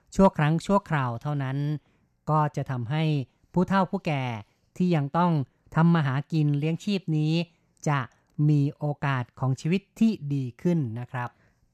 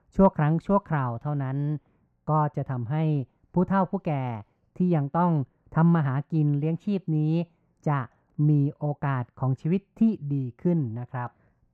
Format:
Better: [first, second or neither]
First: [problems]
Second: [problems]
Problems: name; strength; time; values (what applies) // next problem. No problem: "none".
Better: first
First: none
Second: muffled; very; fading above 2.5 kHz